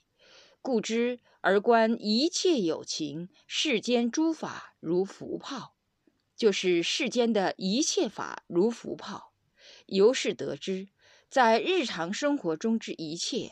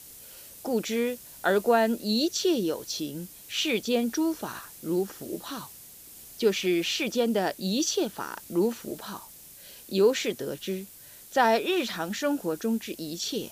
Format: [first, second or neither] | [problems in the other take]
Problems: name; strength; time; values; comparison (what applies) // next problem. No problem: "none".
first | hiss; noticeable; throughout; 15 dB below the speech